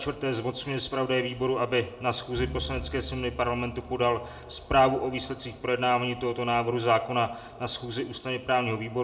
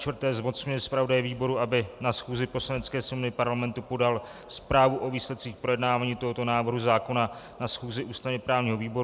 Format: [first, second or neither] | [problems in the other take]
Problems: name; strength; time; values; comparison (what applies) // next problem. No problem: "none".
second | background sound (Bowed string instrument); 13 dB below the speech // room echo; dies away in 1.2 s